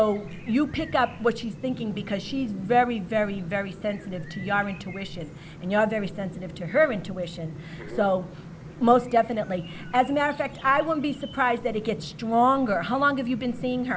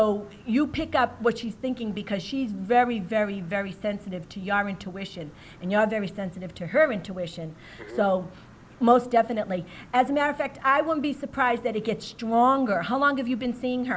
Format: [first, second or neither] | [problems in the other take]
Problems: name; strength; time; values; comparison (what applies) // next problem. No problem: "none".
second | background sound (Chirp, tweet); 15 dB below the speech